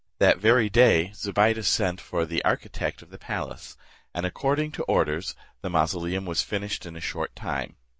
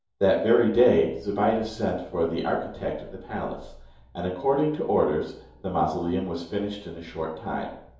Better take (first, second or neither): first